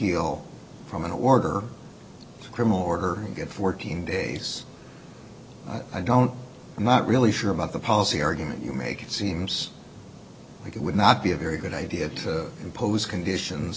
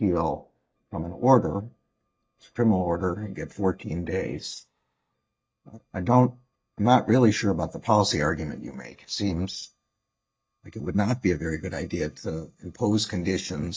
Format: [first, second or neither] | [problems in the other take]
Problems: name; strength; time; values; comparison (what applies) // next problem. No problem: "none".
first | noise reduction (neural mask model DeepFilterNet 3)